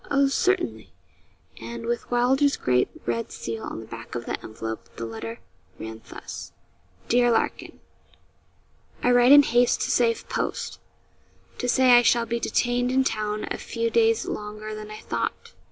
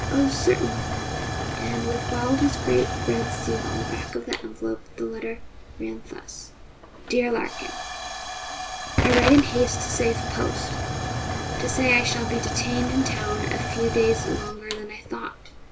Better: first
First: none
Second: background sound (Tick / Hiss / Explosion / Fire); 3 dB below the speech // room echo; dies away in 0.2 s

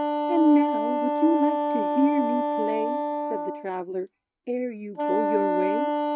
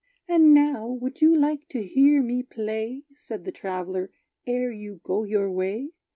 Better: second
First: noise reduction (neural mask model RNNoise)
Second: none

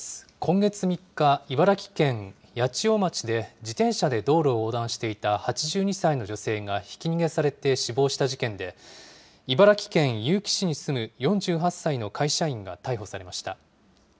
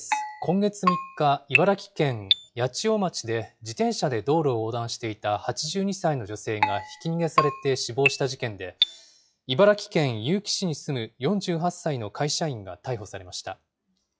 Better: first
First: none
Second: noise reduction (classical method log-MMSE)

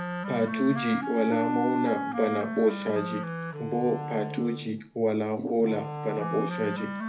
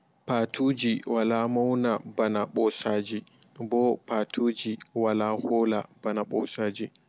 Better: second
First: background sound (Wind instrument, woodwind instrument); 5 dB below the speech // room echo; dies away in 0.3 s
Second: none

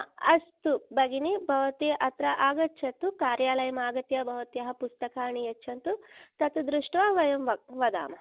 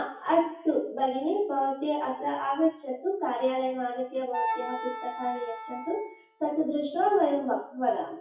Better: first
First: none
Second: noise reduction (classical method WPE with log-MMSE)

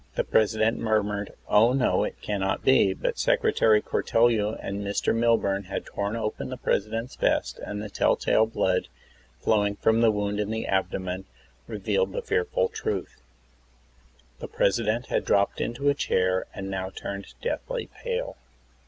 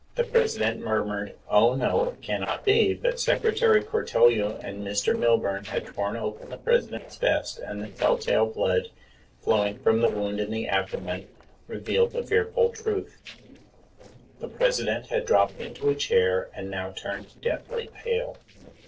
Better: first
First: none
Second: noise reduction (neural separator model SepFormer DNS4)

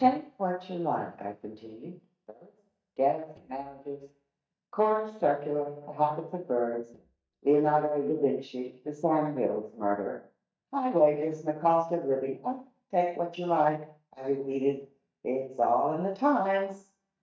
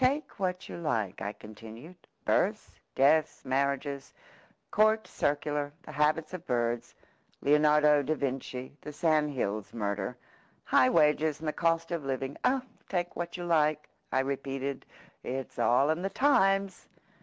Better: second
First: noise reduction (neural mask model DeepFilterNet 3)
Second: none

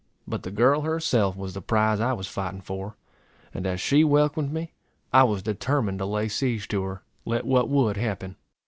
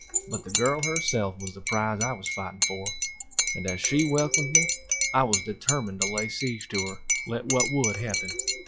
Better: first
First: none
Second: noise reduction (classical method log-MMSE)

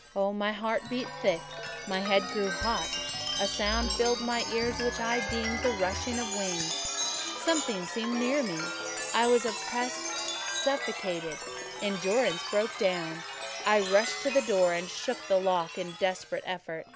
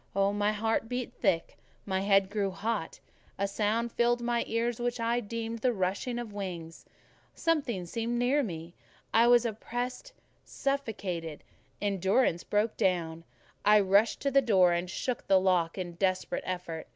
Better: second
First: background sound (Chime); 5 dB below the speech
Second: none

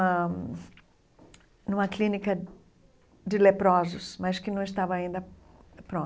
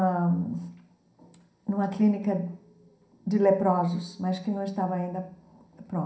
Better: first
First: none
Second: room echo; dies away in 0.5 s

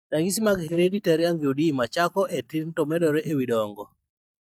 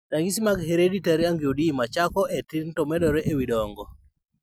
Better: second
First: noise reduction (neural mask model DeepFilterNet 3)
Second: none

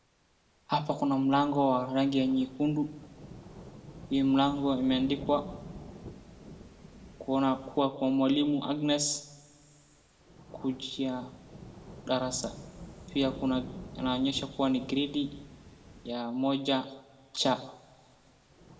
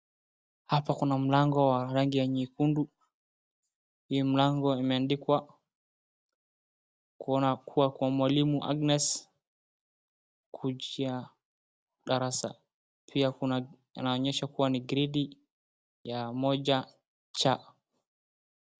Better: second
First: background sound (Rain / Thunderstorm); 17 dB below the speech // room echo; dies away in 0.9 s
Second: none

